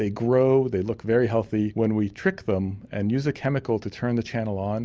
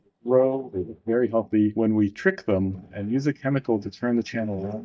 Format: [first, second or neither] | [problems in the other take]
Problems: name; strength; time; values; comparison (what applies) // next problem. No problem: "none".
first | noise reduction (neural mask model DeepFilterNet 3)